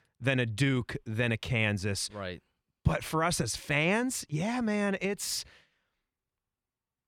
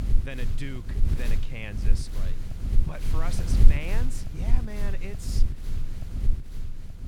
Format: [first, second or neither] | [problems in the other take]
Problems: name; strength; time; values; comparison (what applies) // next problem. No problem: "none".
first | wind noise on the microphone; heavy; 4 dB below the speech